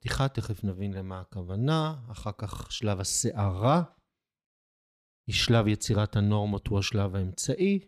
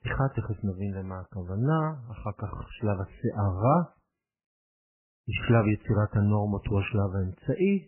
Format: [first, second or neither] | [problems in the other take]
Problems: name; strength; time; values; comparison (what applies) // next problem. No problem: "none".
first | garbled, watery; badly; nothing above 3 kHz